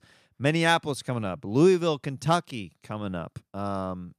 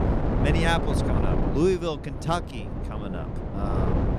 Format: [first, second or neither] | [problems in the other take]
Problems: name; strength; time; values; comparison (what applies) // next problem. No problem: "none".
first | wind noise on the microphone; heavy; 4 dB below the speech